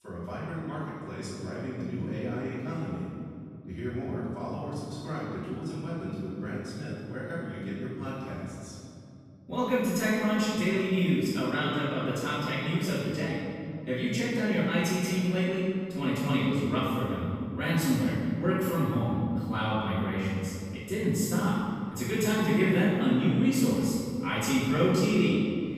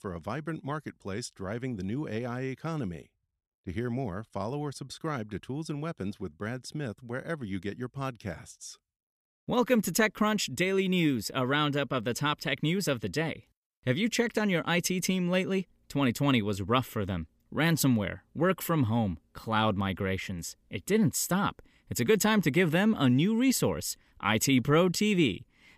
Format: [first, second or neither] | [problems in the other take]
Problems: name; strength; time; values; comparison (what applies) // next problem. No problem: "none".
second | off-mic speech; far // room echo; strong; dies away in 2.4 s